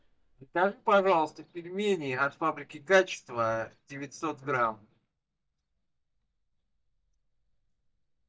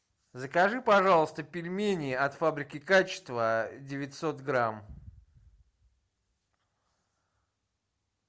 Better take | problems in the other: second | noise reduction (neural mask model DeepFilterNet 3)

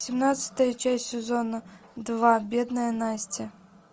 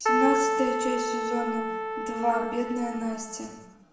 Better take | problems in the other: first | background sound (Keyboard (musical)); 1 dB above the speech // room echo; dies away in 0.7 s

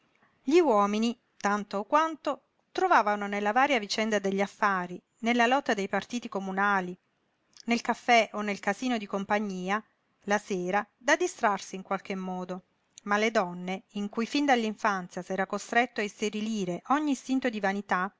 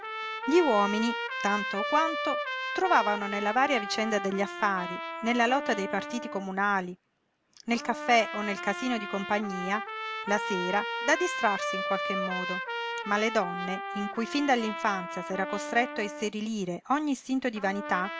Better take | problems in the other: first | background sound (Trumpet); 6 dB below the speech

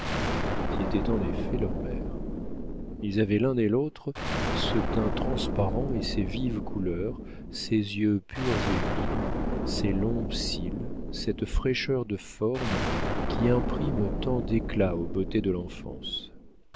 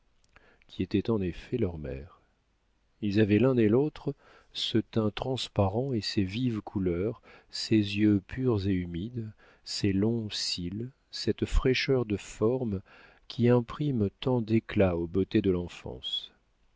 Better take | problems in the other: second | background sound (Explosion); 1 dB below the speech

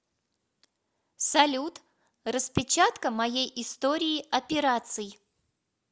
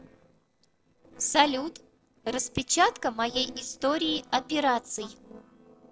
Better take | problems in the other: first | noise reduction (neural separator model SepFormer DNS4)

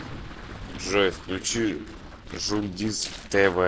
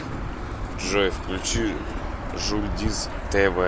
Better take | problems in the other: second | noise reduction (neural separator model SepFormer DNS4)

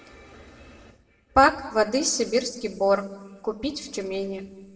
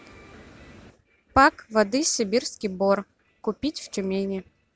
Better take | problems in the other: second | room echo; dies away in 1.2 s

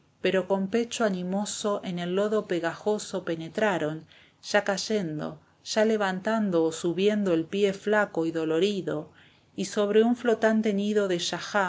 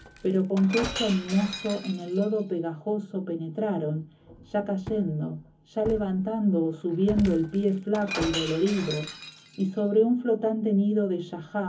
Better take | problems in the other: first | background sound (Shatter); 13 dB below the speech // room echo; dies away in 0.3 s

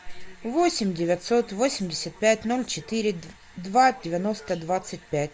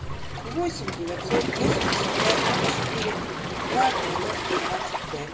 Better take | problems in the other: first | background sound (Waves, surf); 5 dB above the speech // room echo; dies away in 0.3 s

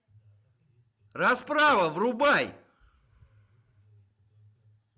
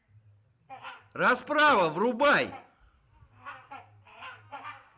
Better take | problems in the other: first | background sound (Bird vocalization, bird call, bird song); 19 dB below the speech

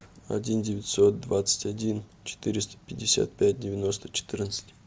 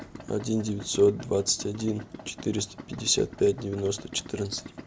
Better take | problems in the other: first | background sound (Idling); 15 dB below the speech

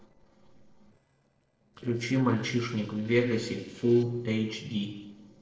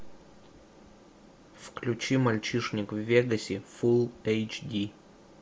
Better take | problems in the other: second | noise reduction (neural separator model SepFormer DNS4)

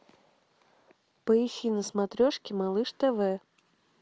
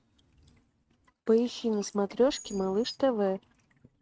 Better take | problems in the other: first | noise reduction (neural mask model RNNoise)

